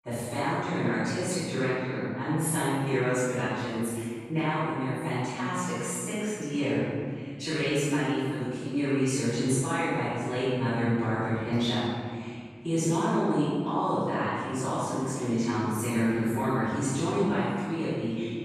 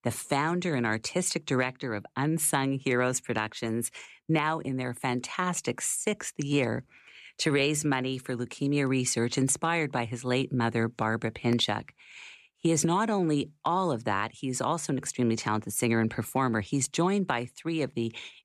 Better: second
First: off-mic speech; far // room echo; strong; dies away in 2.1 s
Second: none

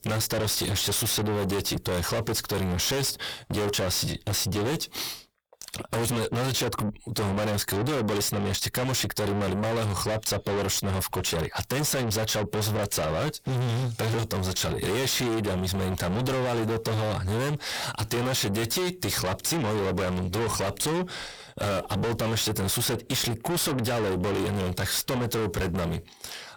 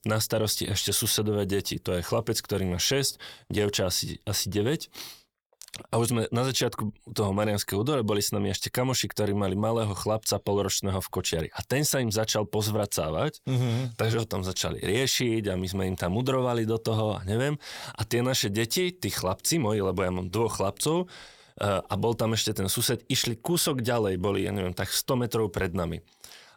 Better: second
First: distortion; heavy; 6 dB below the speech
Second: none

